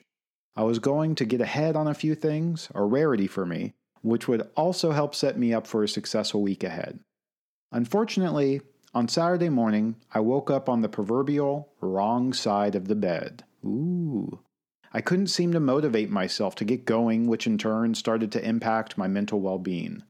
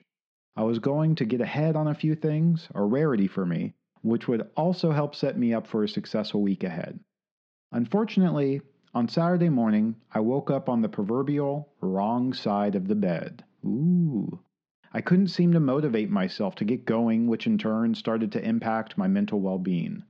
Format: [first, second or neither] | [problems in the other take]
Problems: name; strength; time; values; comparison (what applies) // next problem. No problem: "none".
first | muffled; very slightly; fading above 4 kHz